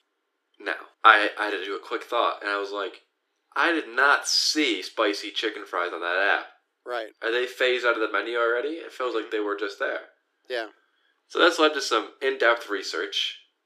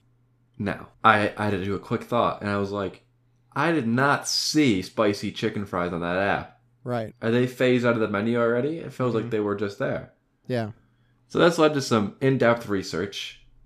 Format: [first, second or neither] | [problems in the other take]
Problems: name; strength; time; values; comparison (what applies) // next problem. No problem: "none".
second | thin; very; fading below 300 Hz